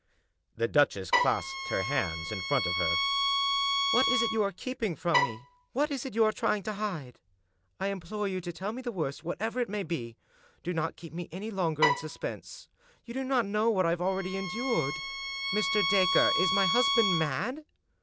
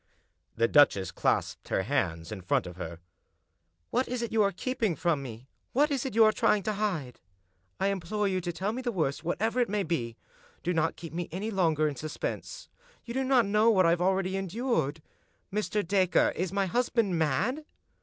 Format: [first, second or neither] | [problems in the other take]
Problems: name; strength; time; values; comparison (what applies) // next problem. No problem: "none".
second | background sound (Bowed string instrument + Bowed string instrument); 1 dB above the speech